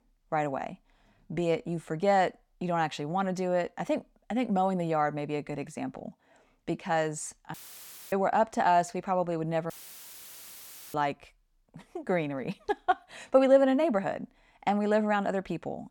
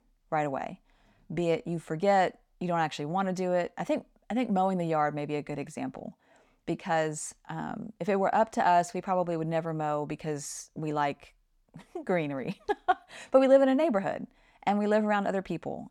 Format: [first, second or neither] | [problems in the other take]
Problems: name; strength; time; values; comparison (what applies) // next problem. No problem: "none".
second | audio cutting out; filled with static; at 7.5 s for 0.5 s and at 9.5 s for 1 s